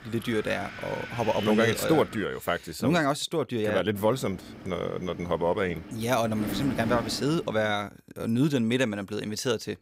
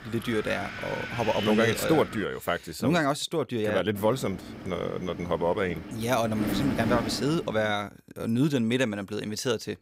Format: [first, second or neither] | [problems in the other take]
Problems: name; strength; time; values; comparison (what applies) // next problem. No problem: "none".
first | wind noise on the microphone; heavy; until 2 s and from 4 to 7.5 s; 8 dB below the speech; occasional gusts in the first